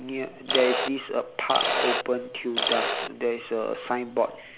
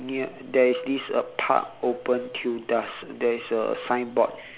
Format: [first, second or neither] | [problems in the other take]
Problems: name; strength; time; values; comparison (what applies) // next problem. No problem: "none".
second | background sound (Mechanisms); 1 dB below the speech